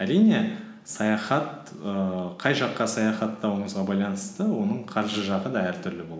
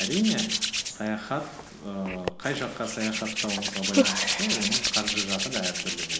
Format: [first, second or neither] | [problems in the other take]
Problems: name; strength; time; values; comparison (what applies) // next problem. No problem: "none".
first | background sound (Hands); 2 dB above the speech